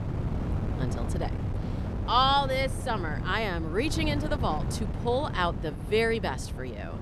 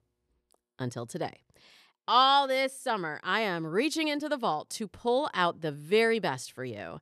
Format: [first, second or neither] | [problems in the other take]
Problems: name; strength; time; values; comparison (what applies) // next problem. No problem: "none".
second | wind noise on the microphone; occasional gusts; 15 dB below the speech